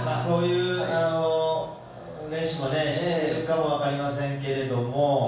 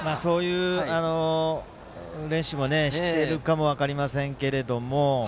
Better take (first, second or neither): second